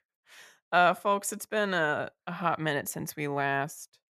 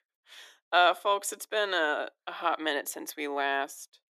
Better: first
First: none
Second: thin; somewhat; fading below 300 Hz

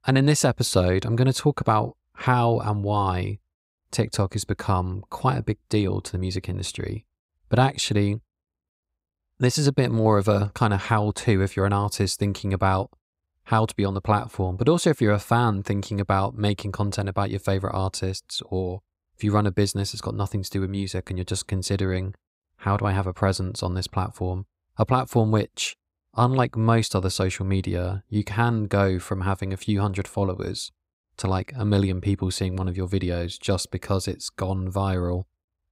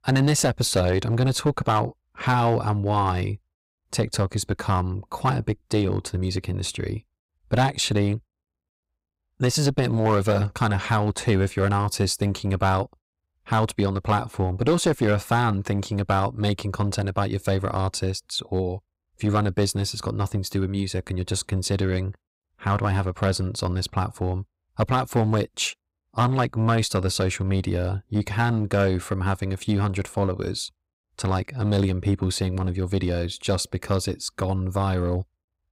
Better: first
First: none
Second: distortion; slight; 5% of the sound clipped

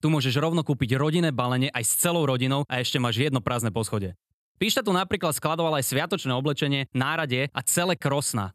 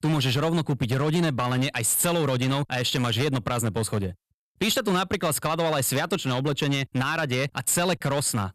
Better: first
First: none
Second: distortion; slight; 12% of the sound clipped

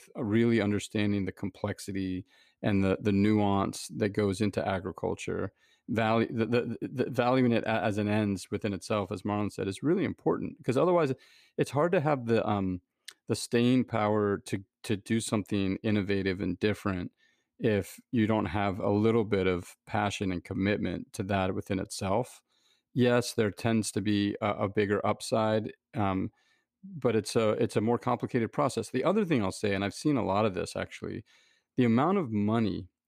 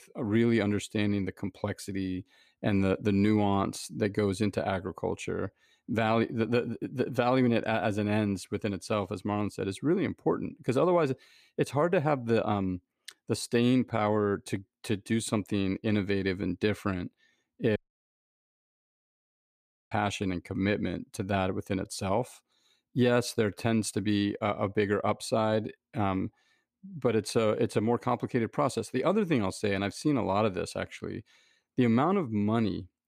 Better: first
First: none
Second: audio cutting out; at 18 s for 2 s

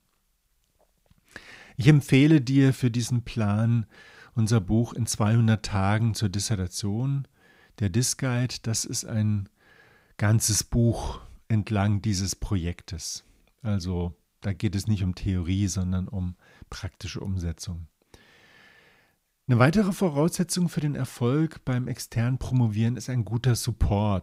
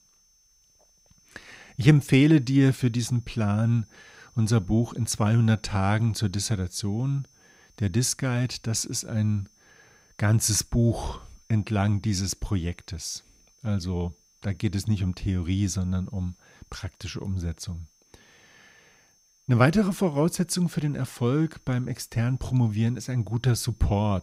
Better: first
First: none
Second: high-pitched whine; faint; throughout; 6 kHz, 35 dB below the speech

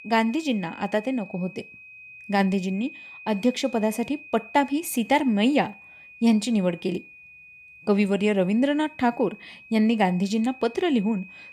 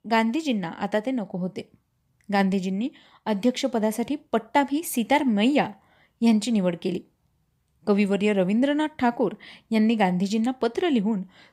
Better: second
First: high-pitched whine; noticeable; throughout; 2.5 kHz, 20 dB below the speech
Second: none

